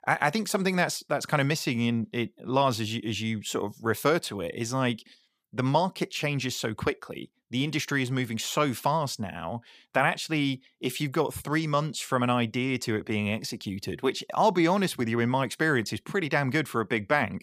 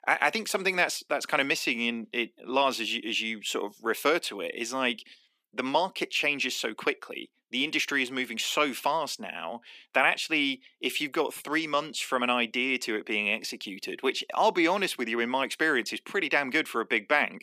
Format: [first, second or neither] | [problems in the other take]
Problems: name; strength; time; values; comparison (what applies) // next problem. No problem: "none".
first | thin; very slightly; fading below 250 Hz